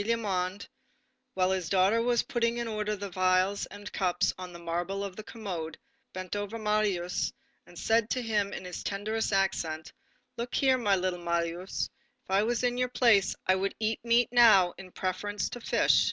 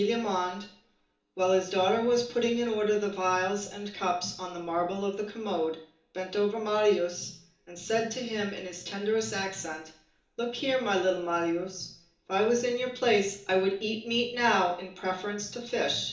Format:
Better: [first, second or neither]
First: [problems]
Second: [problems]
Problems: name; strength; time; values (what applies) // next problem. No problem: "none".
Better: first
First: none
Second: room echo; dies away in 0.8 s